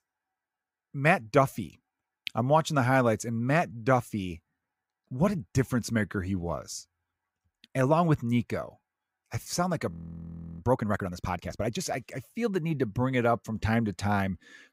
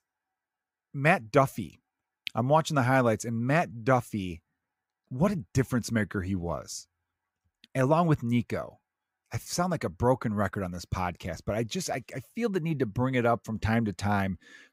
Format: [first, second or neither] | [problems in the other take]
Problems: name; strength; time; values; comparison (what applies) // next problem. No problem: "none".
second | audio freezing; at 10 s for 0.5 s